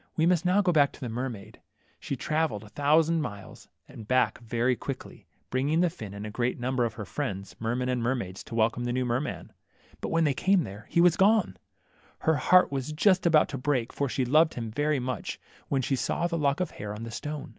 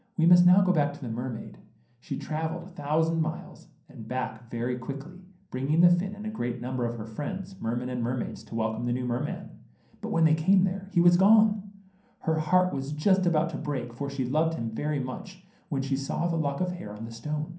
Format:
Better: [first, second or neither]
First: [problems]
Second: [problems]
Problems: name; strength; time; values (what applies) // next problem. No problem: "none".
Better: first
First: none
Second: room echo; dies away in 0.6 s